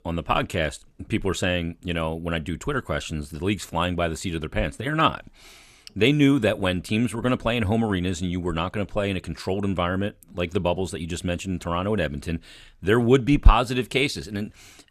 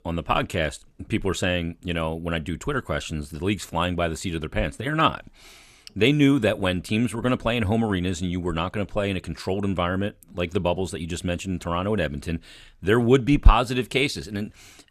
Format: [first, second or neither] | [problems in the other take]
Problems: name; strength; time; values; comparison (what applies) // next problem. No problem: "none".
neither | none